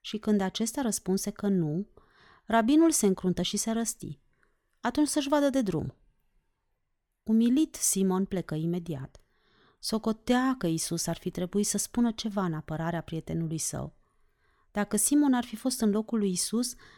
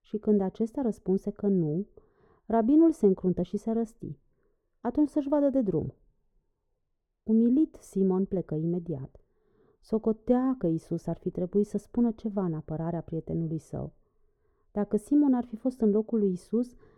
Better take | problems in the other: first | muffled; very; fading above 1.5 kHz

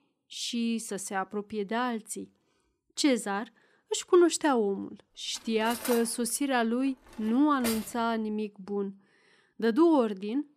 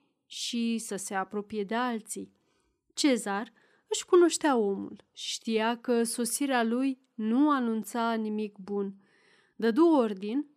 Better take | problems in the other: second | clattering dishes; noticeable; from 5.5 to 8 s; peak 7 dB below the speech

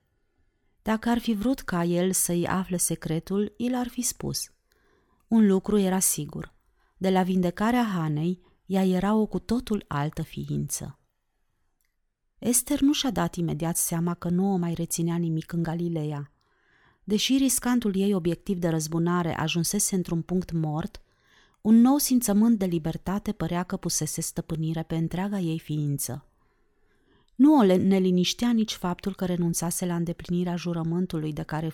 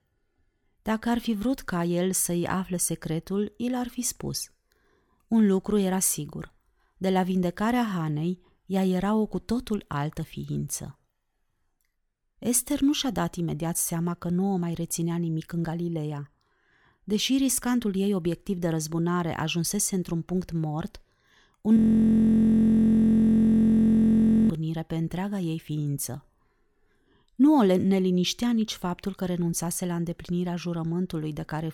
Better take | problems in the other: first | audio freezing; at 22 s for 2.5 s

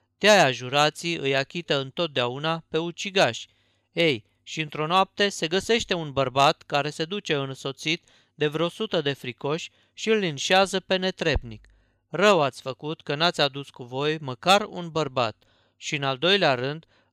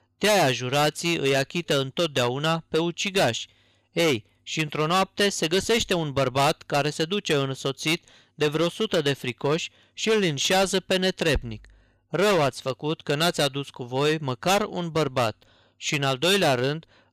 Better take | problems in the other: first | distortion; heavy; 11% of the sound clipped

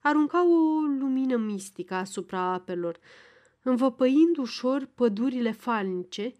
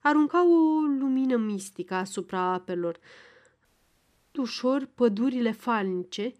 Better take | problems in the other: first | audio cutting out; at 3.5 s for 0.5 s

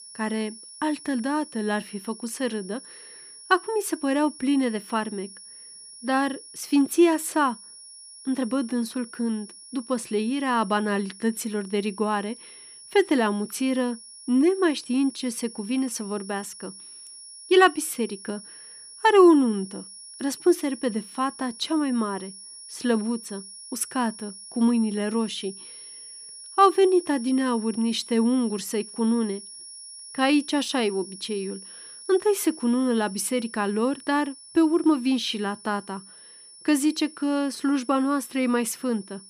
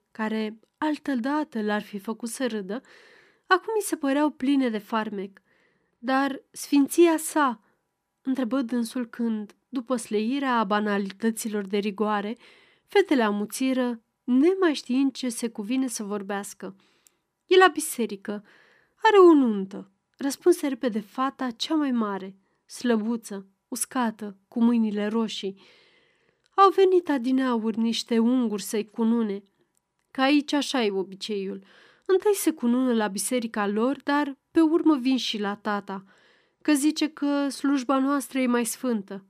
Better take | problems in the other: second | high-pitched whine; noticeable; throughout; 10.5 kHz, 15 dB below the speech

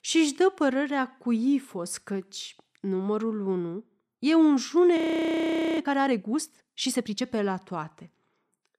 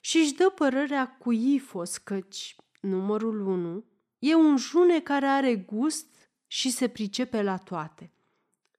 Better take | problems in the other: second | audio freezing; at 5 s for 1 s

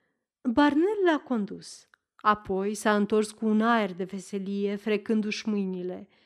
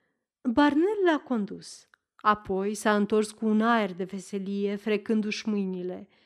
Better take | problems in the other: neither | none

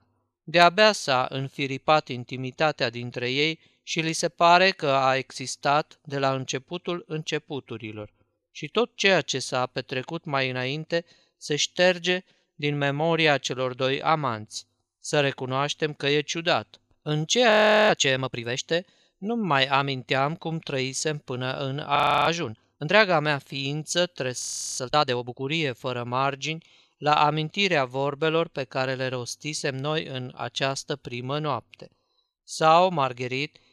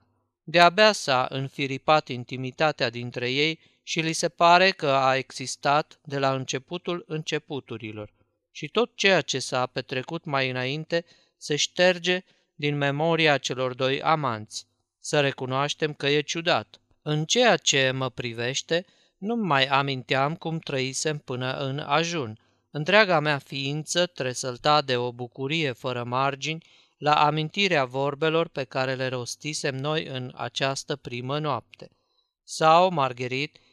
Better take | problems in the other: second | audio freezing; at 18 s, at 22 s and at 24 s

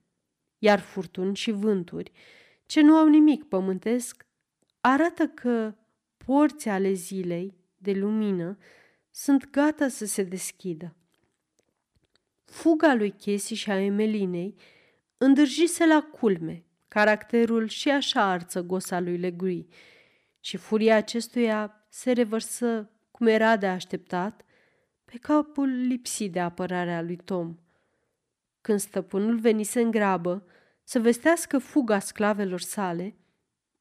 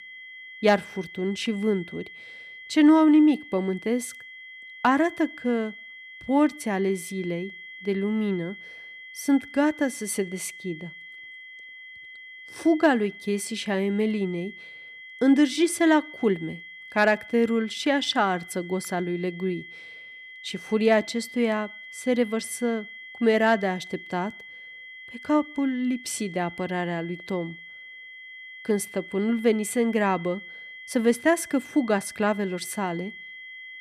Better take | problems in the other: first | high-pitched whine; noticeable; throughout; 2 kHz, 15 dB below the speech

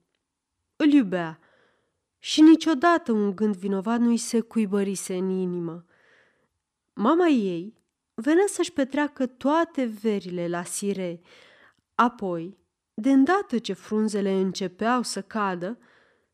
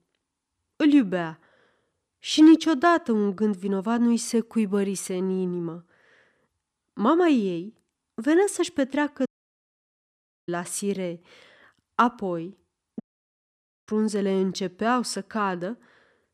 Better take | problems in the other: first | audio cutting out; at 9.5 s for 1 s and at 13 s for 1 s

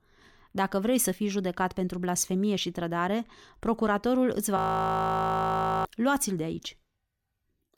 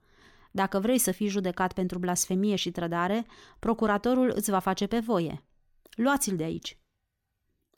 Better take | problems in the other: second | audio freezing; at 4.5 s for 1.5 s

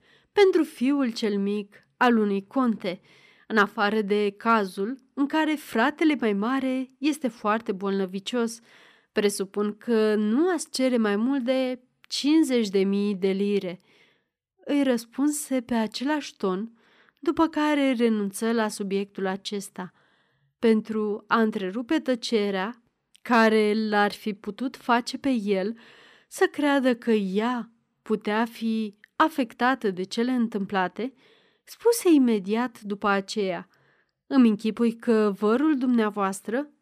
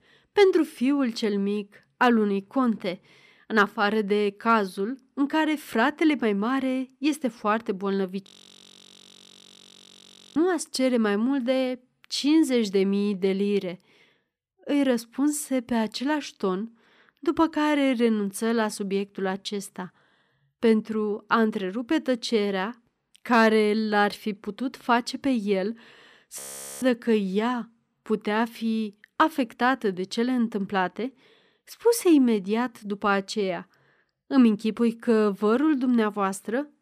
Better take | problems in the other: first | audio freezing; at 8.5 s for 2 s and at 26 s

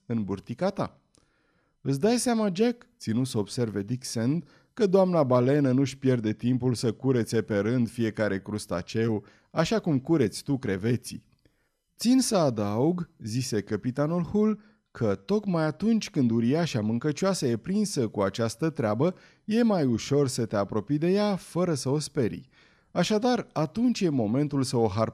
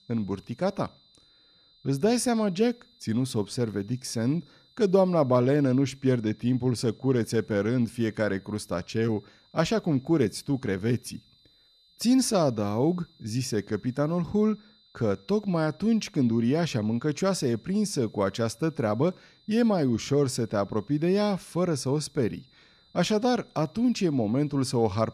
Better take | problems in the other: first | high-pitched whine; faint; throughout; 4 kHz, 30 dB below the speech

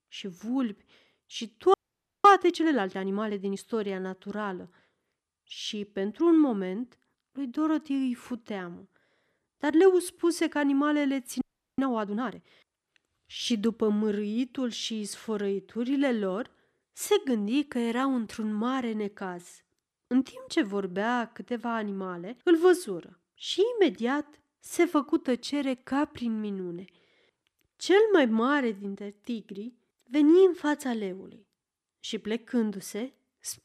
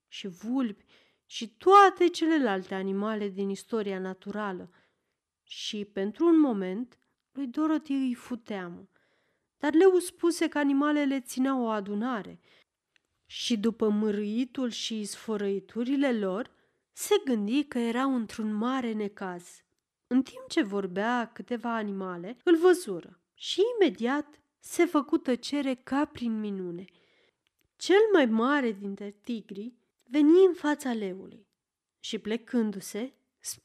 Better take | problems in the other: second | audio freezing; at 1.5 s for 0.5 s and at 11 s

